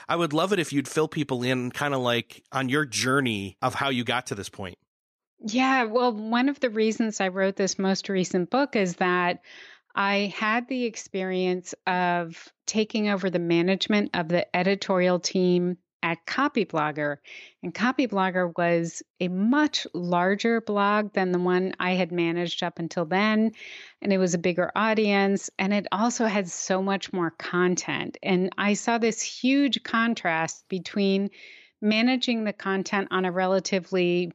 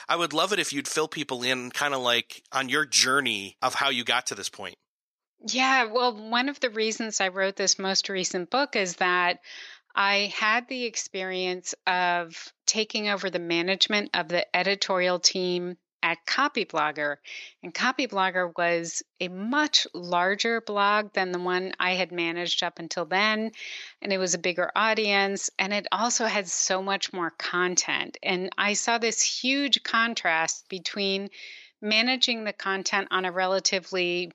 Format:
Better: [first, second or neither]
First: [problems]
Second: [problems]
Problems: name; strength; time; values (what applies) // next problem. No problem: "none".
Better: first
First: none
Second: thin; somewhat; fading below 800 Hz